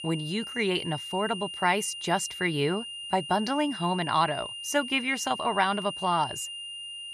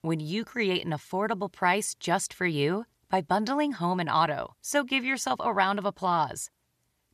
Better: second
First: high-pitched whine; loud; throughout; 3 kHz, 8 dB below the speech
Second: none

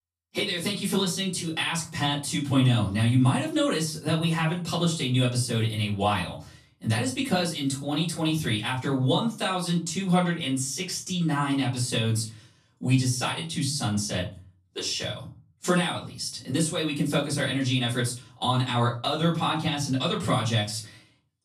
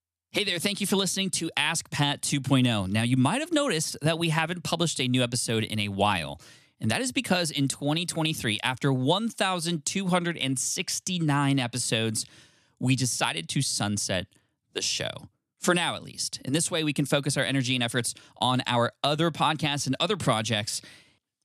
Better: second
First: off-mic speech; far // room echo; slight; dies away in 0.3 s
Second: none

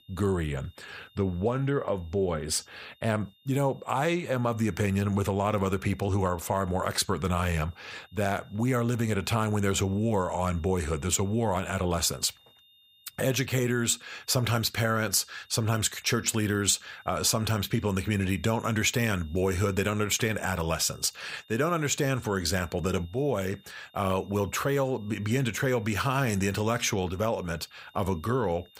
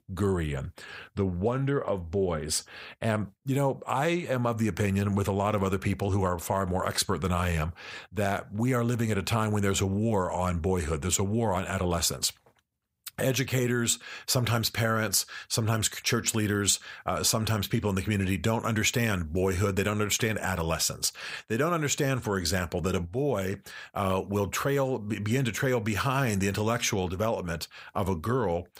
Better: second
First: high-pitched whine; faint; throughout; 3.5 kHz, 30 dB below the speech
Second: none

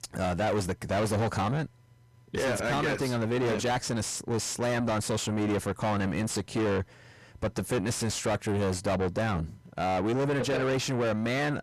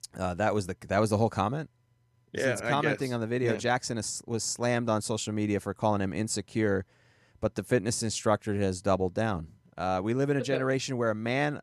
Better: second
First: distortion; heavy; 5 dB below the speech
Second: none

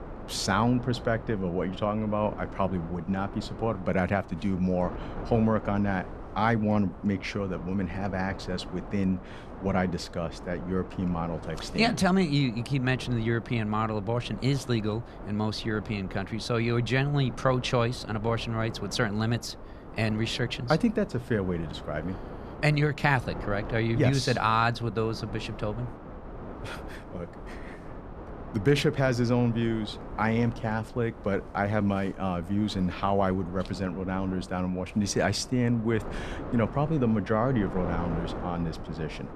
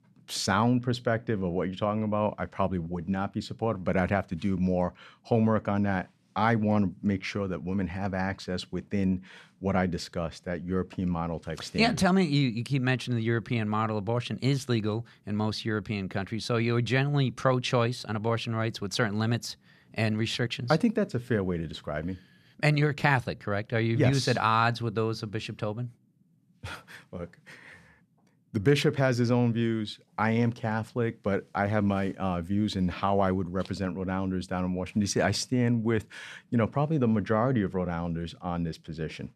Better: second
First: wind noise on the microphone; occasional gusts; 15 dB below the speech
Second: none

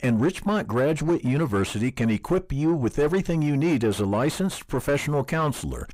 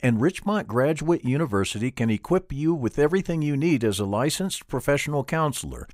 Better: second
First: distortion; slight; 9 dB below the speech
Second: none

